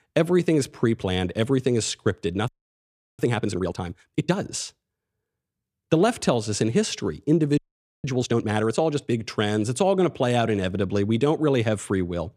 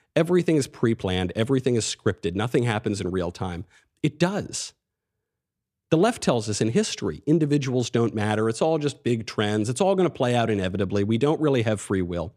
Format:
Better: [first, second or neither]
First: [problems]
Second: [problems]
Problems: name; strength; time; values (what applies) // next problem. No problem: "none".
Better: second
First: audio freezing; at 2.5 s for 0.5 s and at 7.5 s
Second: none